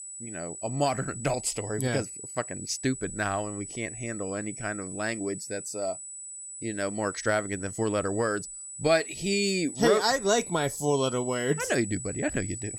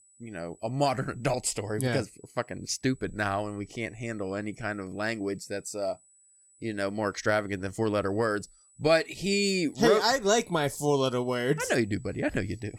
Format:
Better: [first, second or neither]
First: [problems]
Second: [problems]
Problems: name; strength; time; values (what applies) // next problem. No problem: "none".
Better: second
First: high-pitched whine; loud; throughout; 8 kHz, 9 dB below the speech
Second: high-pitched whine; faint; throughout; 8 kHz, 30 dB below the speech